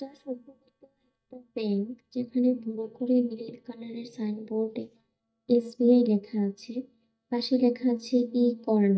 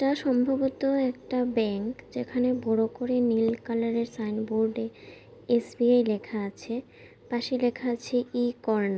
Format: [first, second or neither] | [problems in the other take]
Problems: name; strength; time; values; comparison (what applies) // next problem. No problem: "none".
second | noise reduction (neural mask model DeepFilterNet 3)